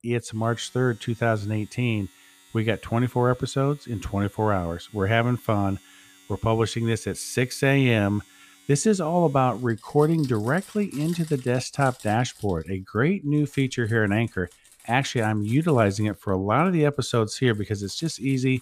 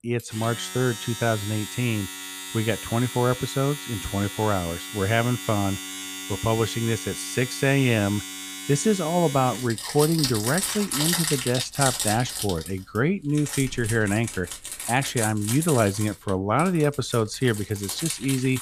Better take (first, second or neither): first